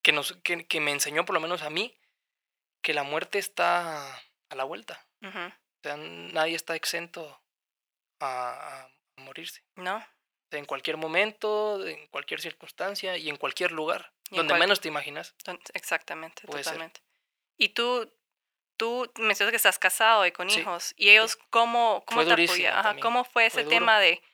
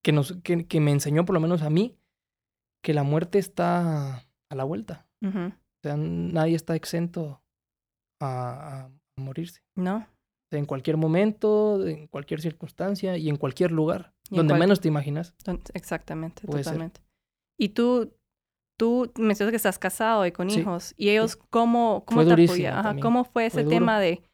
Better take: second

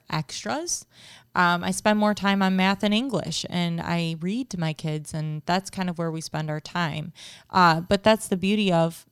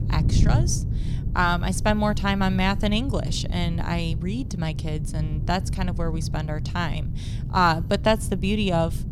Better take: first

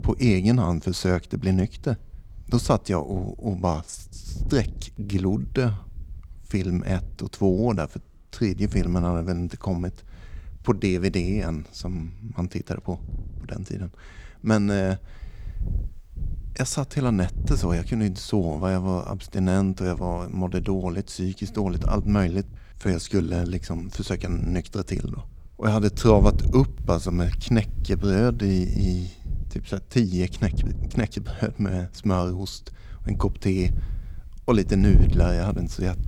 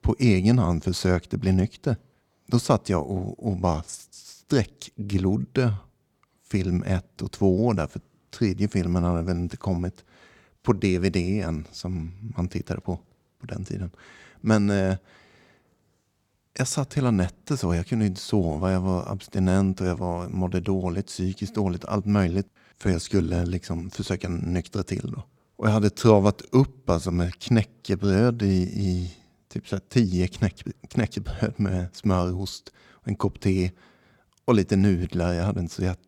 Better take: second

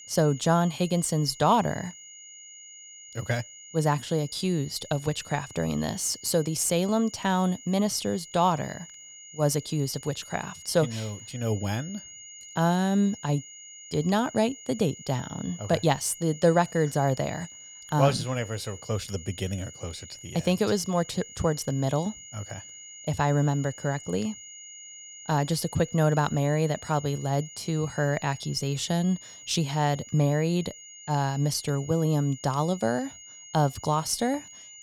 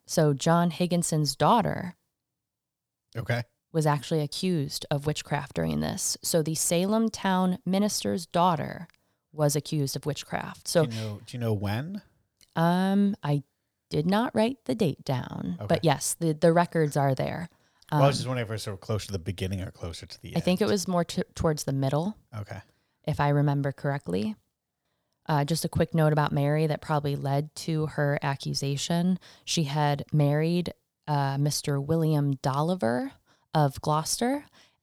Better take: second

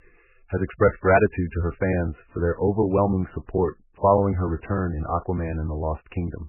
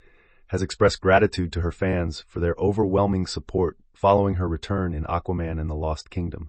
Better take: second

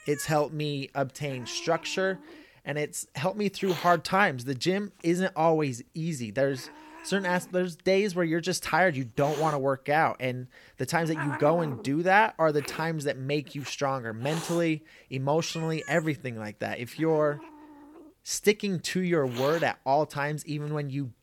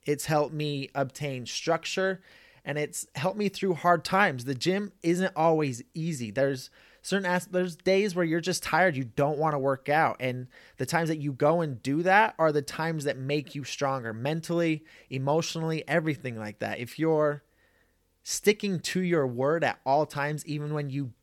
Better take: second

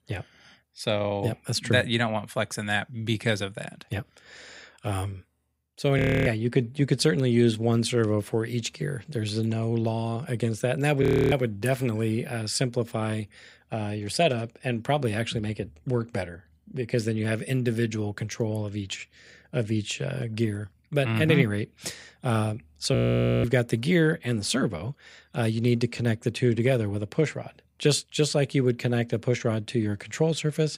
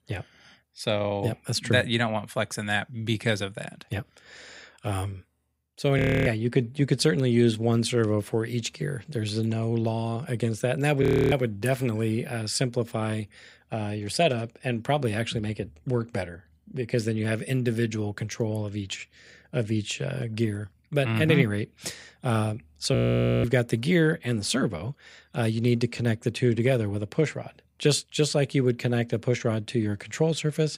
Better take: neither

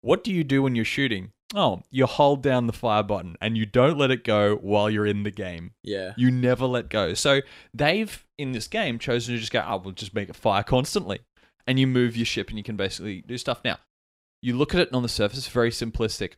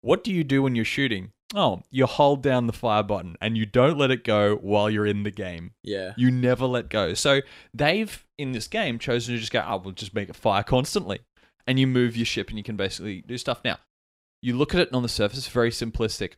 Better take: neither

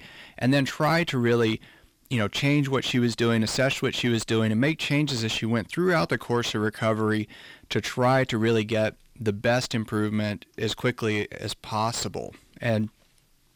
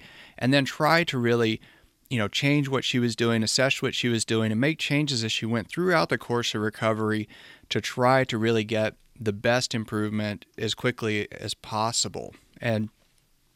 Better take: second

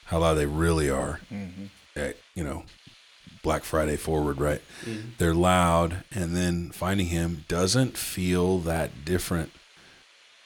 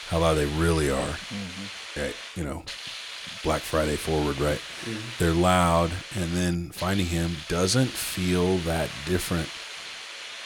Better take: first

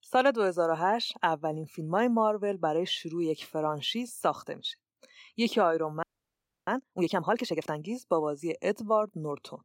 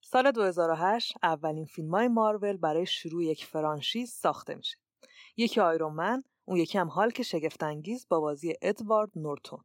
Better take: second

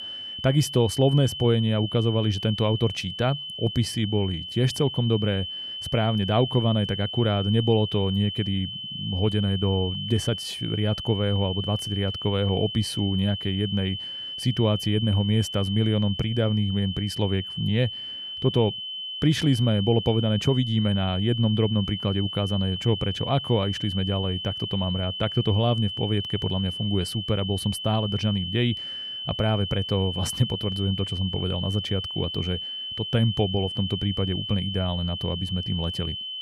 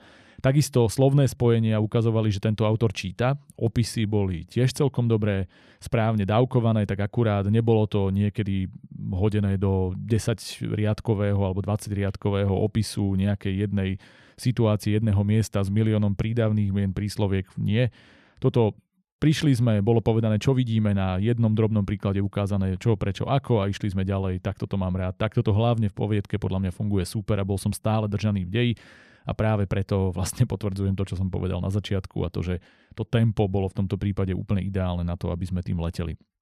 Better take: second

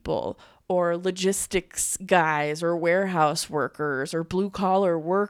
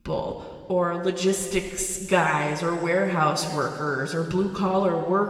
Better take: first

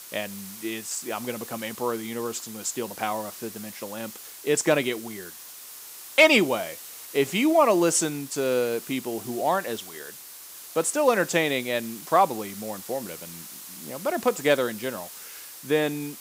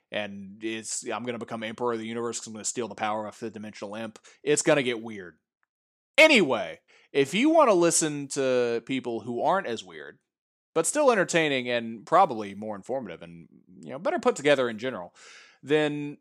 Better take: second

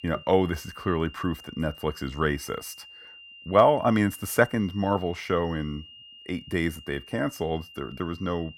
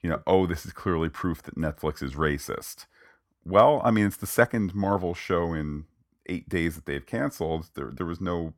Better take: second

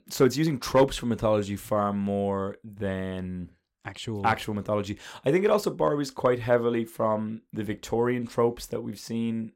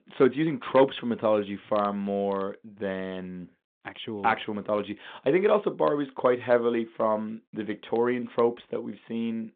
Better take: first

